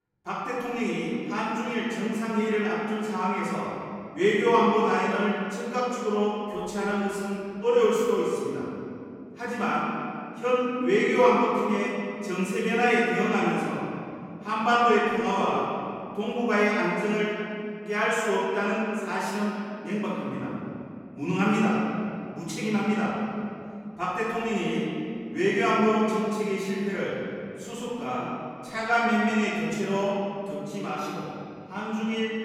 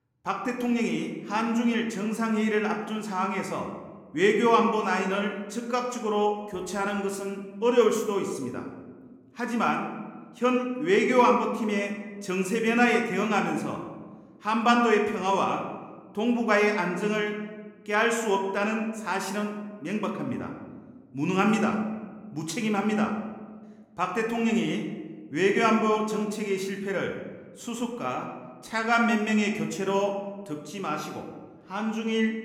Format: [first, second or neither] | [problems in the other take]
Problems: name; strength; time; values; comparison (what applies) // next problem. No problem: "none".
second | room echo; strong; dies away in 2.7 s; slight in the second // off-mic speech; far